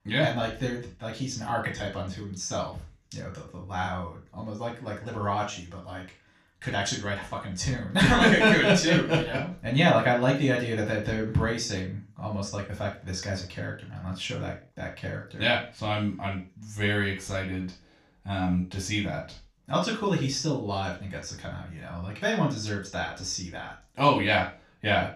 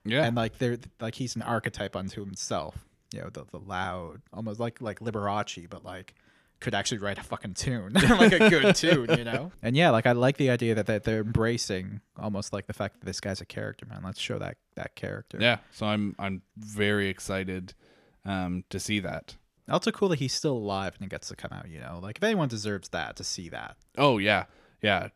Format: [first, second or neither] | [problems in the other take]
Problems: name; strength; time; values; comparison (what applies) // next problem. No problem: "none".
second | room echo; noticeable; dies away in 0.3 s // off-mic speech; far